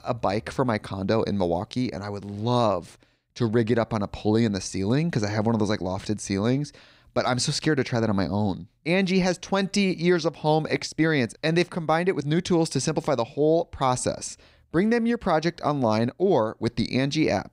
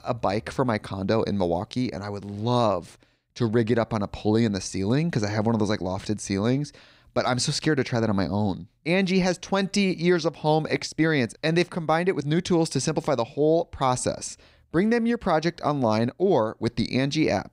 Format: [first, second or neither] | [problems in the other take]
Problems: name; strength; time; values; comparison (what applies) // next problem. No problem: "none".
neither | none